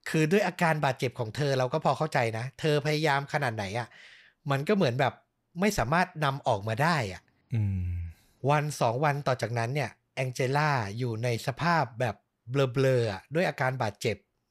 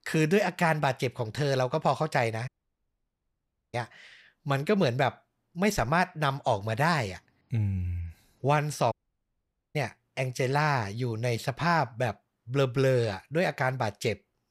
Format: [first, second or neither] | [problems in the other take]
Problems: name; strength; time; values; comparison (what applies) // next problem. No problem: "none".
first | audio cutting out; at 2.5 s for 1.5 s and at 9 s for 1 s